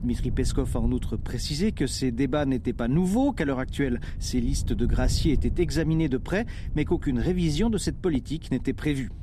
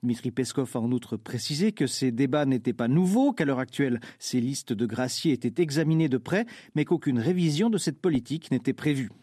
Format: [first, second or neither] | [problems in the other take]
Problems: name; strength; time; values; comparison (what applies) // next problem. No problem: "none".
second | wind noise on the microphone; occasional gusts; 20 dB below the speech